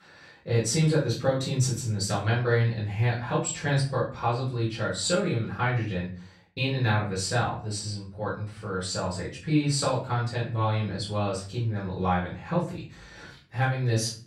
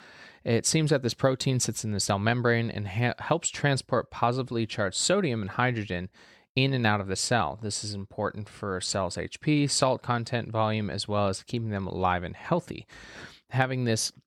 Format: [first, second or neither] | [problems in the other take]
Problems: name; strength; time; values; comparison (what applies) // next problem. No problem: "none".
second | off-mic speech; far // room echo; noticeable; dies away in 0.4 s